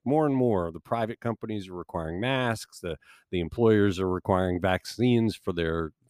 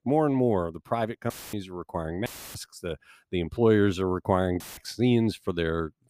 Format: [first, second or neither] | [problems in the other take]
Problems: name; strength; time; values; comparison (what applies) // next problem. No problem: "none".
first | audio cutting out; filled with static; at 1.5 s, at 2.5 s and at 4.5 s